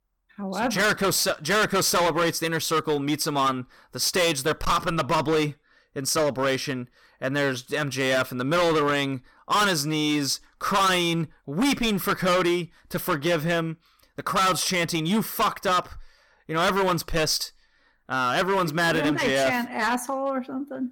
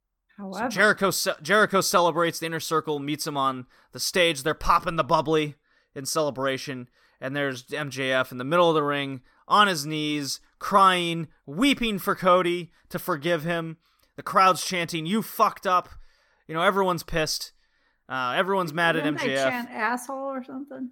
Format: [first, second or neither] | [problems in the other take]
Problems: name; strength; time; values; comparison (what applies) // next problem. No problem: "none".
second | distortion; heavy; 14% of the sound clipped